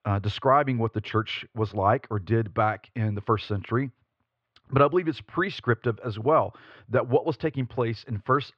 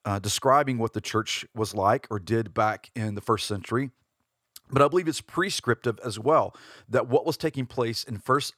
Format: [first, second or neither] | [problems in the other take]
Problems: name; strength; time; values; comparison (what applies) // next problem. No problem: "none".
second | muffled; slightly; fading above 3.5 kHz